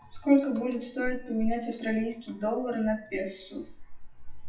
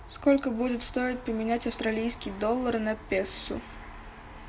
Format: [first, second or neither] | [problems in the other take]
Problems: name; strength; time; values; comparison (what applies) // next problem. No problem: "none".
second | noise reduction (classical method WPE with log-MMSE)